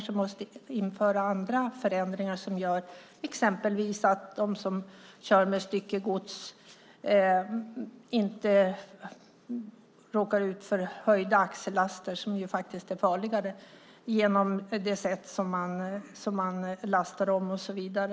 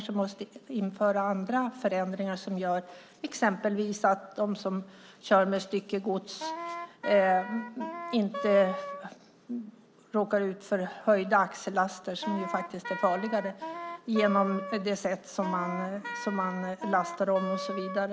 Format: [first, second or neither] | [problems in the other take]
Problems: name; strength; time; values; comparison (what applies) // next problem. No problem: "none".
first | background sound (Wind instrument, woodwind instrument); 8 dB below the speech